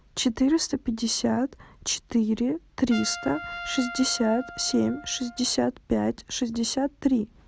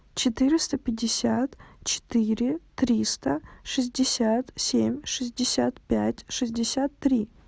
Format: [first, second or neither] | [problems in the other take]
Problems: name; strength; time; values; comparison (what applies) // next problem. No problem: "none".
second | background sound (Trumpet); 16 dB below the speech